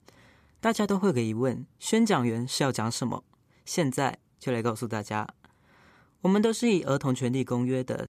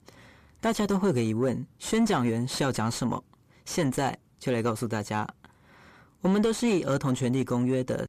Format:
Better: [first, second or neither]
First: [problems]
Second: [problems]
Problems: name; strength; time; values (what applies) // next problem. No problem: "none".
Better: first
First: none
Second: distortion; slight; 10 dB below the speech